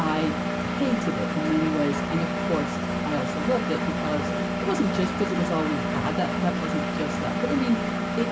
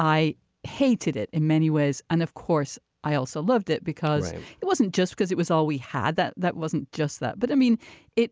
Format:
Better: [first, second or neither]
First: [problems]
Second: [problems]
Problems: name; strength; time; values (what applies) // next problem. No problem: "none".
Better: second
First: background sound (Engine); 1 dB above the speech // room echo; dies away in 0.4 s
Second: none